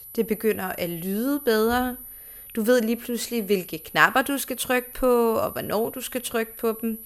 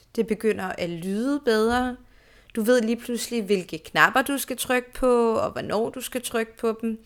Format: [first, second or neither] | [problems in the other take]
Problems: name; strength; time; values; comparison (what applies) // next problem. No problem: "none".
second | high-pitched whine; noticeable; throughout; 12 kHz, 15 dB below the speech